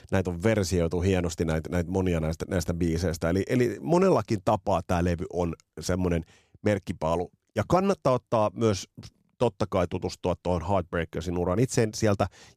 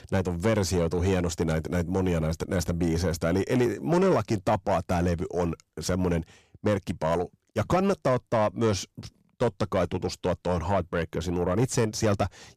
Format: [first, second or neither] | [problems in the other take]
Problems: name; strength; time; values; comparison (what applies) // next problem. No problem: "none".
first | distortion; slight; 10 dB below the speech